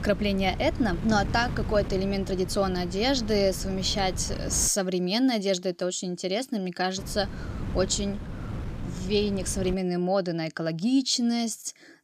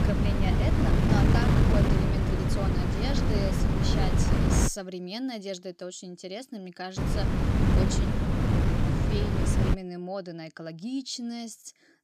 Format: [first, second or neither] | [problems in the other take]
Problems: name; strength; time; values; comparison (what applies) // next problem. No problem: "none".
first | wind noise on the microphone; heavy; until 4.5 s and from 7 to 9.5 s; 4 dB above the speech; occasional gusts in the first